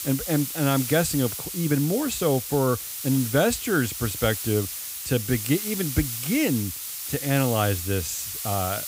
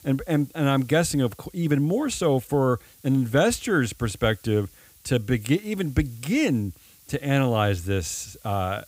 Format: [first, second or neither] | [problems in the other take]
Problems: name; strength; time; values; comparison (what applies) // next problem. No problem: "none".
second | hiss; loud; throughout; 5 dB below the speech; faint in the second